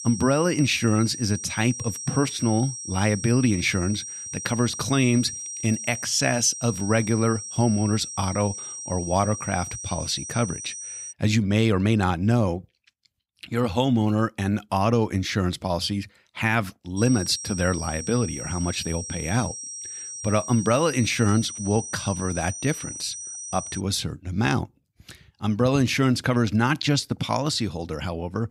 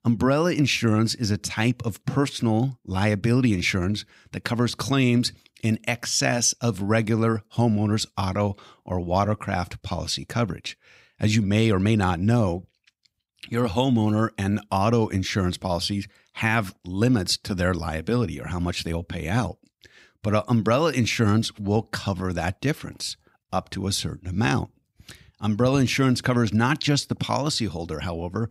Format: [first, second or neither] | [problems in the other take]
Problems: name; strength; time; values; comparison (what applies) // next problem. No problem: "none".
second | high-pitched whine; loud; until 11 s and from 17 to 24 s; 5.5 kHz, 8 dB below the speech